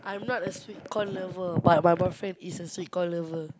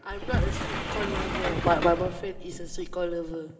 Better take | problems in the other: first | background sound (Sliding door); 2 dB below the speech // room echo; dies away in 2.2 s

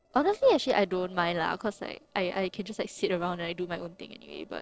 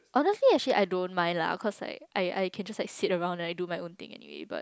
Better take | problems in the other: second | noise reduction (neural separator model SepFormer DNS4)

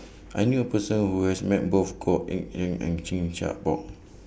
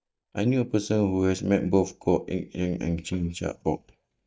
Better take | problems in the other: first | noise reduction (neural mask model DeepFilterNet 3)

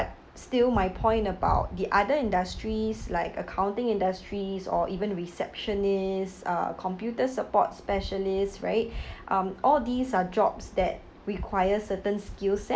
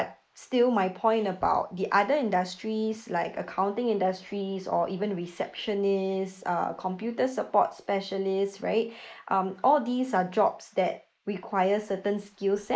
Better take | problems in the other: first | noise reduction (neural mask model Resemble Enhance denoiser)

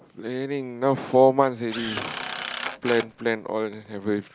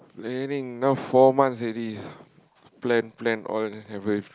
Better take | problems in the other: second | background sound (Drill); 12 dB below the speech

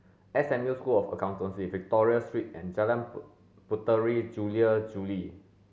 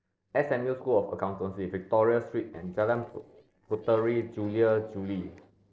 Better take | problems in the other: first | noise reduction (neural separator model SepFormer DNS4)

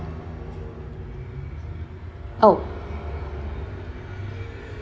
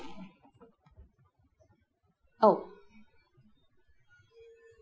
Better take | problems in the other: first | noise reduction (classical method Wiener filter)

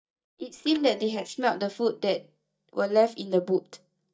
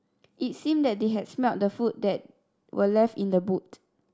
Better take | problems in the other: second | noise reduction (neural mask model DeepFilterNet 3)

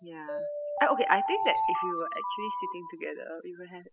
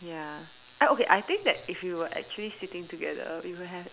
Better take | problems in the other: second | noise reduction (classical method spectral subtraction)

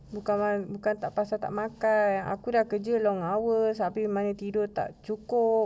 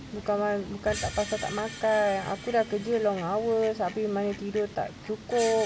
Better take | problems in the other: first | background sound (Screech + Fowl); 12 dB below the speech

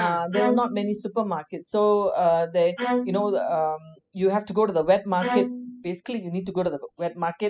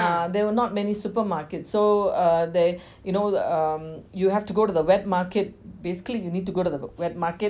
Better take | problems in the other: second | noise reduction (classical method spectral subtraction)

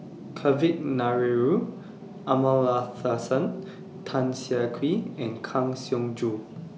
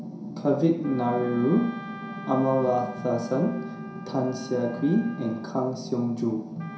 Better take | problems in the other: first | background sound (Wind instrument, woodwind instrument); 18 dB below the speech // room echo; dies away in 0.5 s

